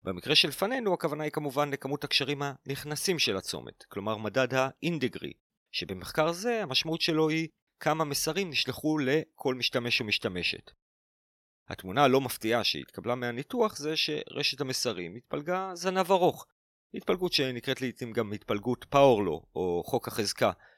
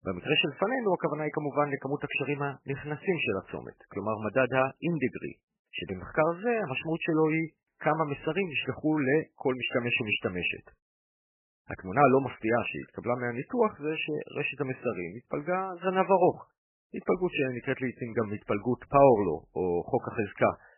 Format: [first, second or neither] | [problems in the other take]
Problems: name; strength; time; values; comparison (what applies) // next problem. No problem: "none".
first | garbled, watery; badly; nothing above 3 kHz